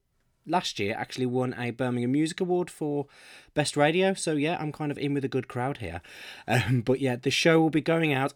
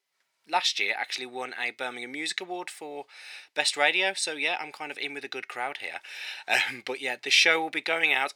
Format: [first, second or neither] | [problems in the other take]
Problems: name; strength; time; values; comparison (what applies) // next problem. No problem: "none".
first | thin; very; fading below 700 Hz